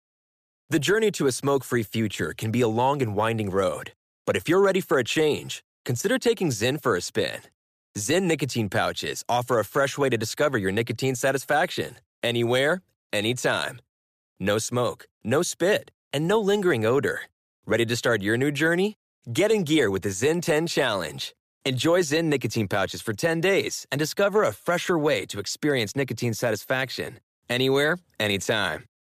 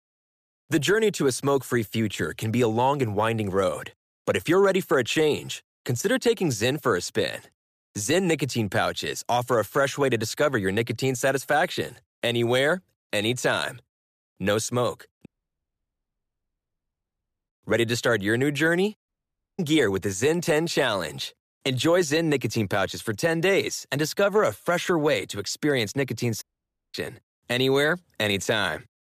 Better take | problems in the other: first | audio cutting out; at 15 s for 2 s, at 19 s for 0.5 s and at 26 s for 0.5 s

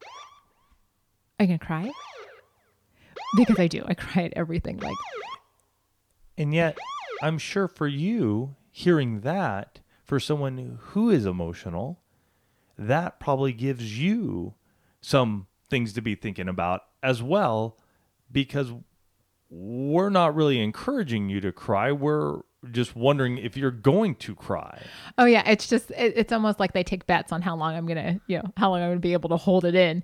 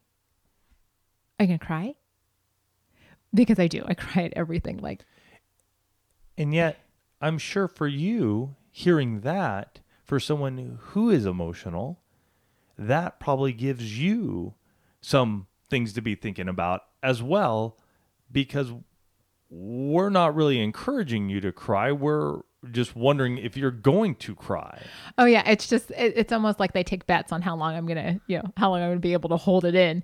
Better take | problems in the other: second | siren; noticeable; until 7.5 s; peak 6 dB below the speech

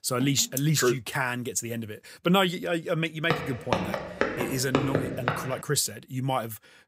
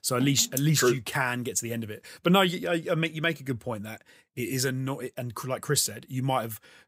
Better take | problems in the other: second | footsteps; loud; from 3.5 to 5.5 s; peak 1 dB above the speech

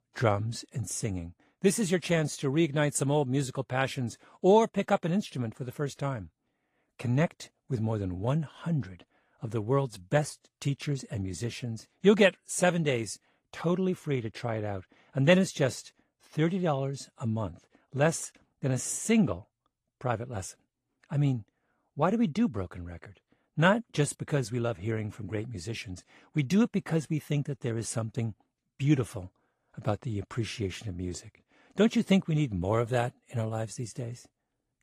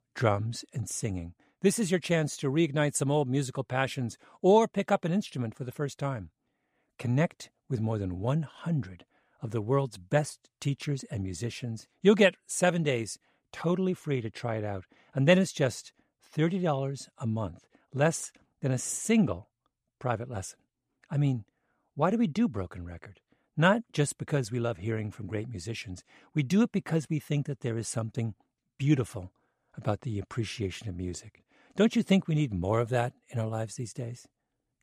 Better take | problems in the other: second | garbled, watery; slightly

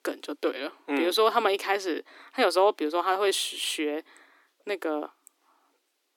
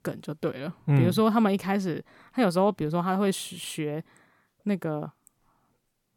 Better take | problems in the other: second | thin; very; fading below 300 Hz

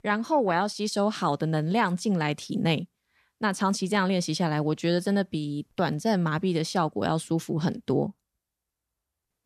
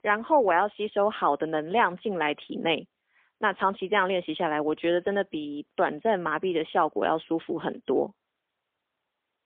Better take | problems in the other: first | phone-call audio; poor line; nothing above 3.5 kHz

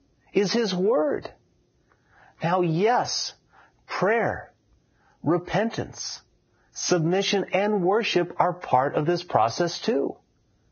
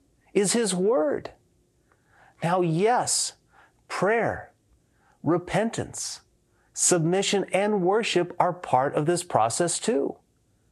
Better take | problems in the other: second | garbled, watery; badly; nothing above 6.5 kHz; slightly in the second

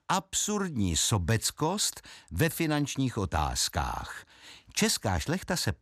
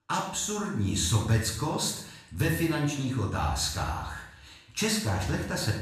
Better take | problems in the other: first | off-mic speech; far // room echo; noticeable; dies away in 0.6 s

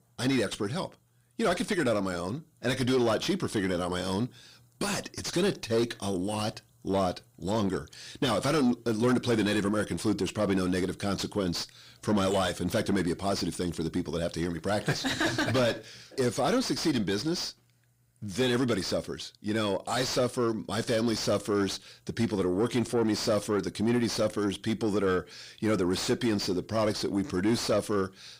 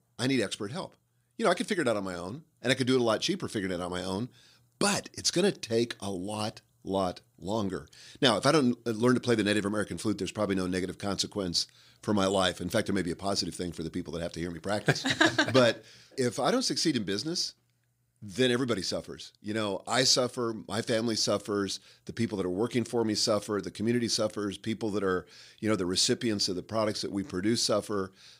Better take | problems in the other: second | distortion; heavy; 7 dB below the speech

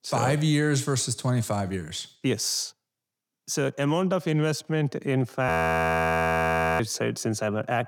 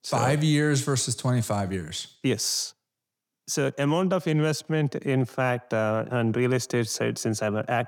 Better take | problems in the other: second | audio freezing; at 5.5 s for 1.5 s

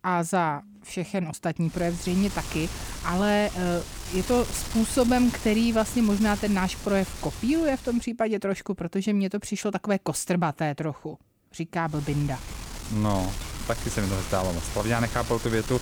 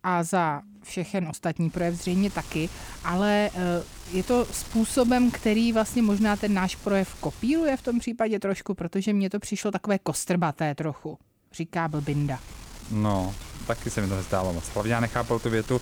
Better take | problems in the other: second | wind noise on the microphone; heavy; from 1.5 to 8 s and from 12 s on; 9 dB below the speech; occasional gusts in the second

